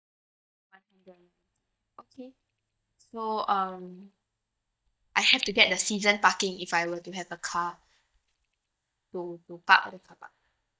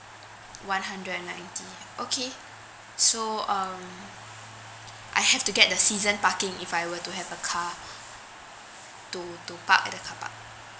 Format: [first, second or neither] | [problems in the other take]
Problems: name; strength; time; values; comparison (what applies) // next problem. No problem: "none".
second | noise reduction (neural mask model DeepFilterNet 3)